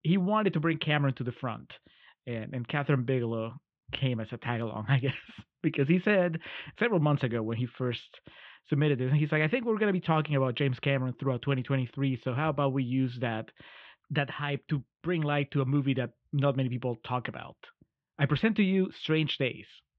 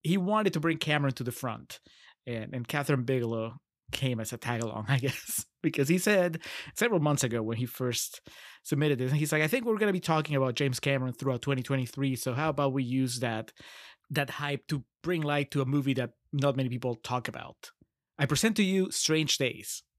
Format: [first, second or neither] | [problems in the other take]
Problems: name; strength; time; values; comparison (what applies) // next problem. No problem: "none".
second | muffled; very; fading above 3 kHz